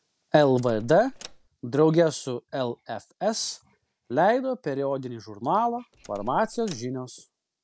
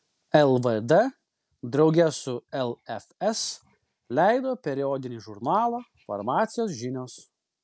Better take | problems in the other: second | background sound (Door); 18 dB below the speech

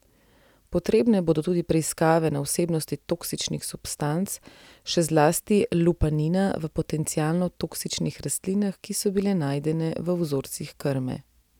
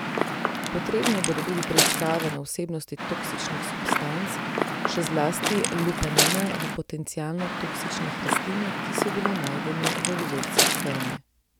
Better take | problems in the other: first | background sound (Waves, surf / Wind); 3 dB above the speech

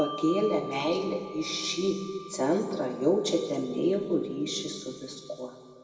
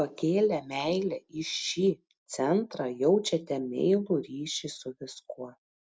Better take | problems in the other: second | background sound (Bell); 16 dB below the speech // room echo; dies away in 2 s

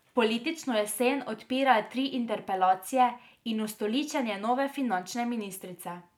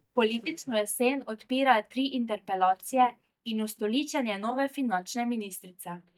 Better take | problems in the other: first | noise reduction (neural mask model DeepFilterNet 3)

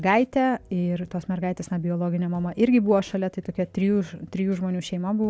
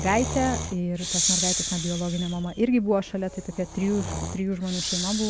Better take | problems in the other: first | background sound (Breathing); 4 dB below the speech

